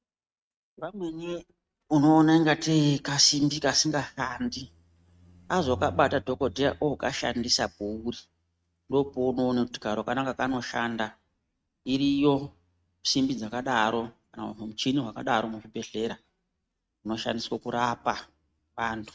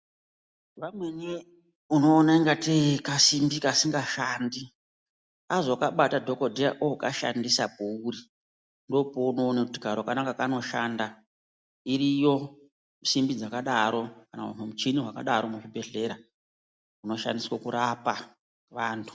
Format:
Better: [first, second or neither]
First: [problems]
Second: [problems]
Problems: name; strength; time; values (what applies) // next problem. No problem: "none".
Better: second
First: noise reduction (neural mask model RNNoise)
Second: none